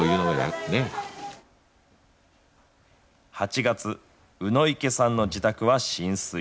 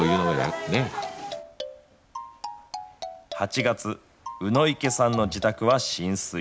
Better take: first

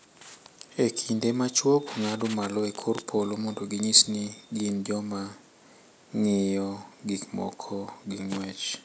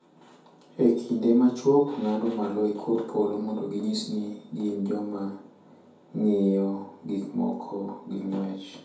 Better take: first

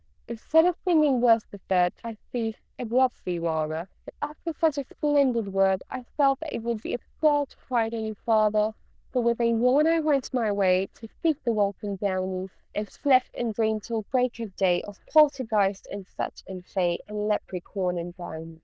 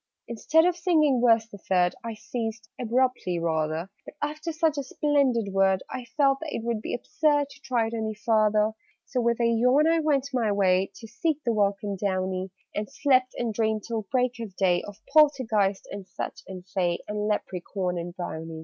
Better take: second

